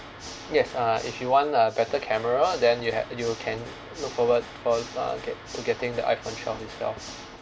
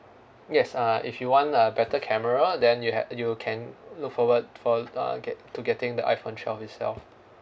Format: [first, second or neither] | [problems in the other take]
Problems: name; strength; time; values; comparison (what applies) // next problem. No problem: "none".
second | background sound (Water / Mechanisms); 15 dB below the speech